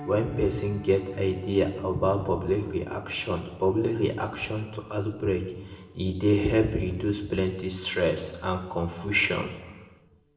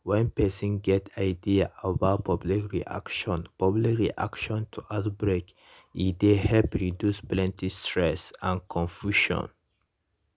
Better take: second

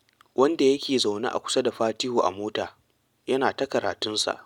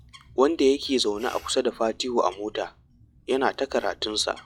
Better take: first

